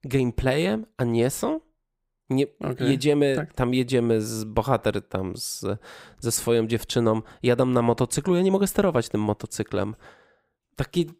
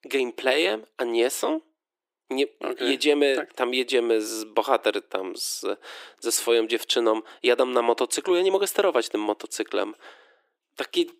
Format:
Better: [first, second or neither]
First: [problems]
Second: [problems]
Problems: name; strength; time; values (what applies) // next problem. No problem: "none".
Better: first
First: none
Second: thin; somewhat; fading below 300 Hz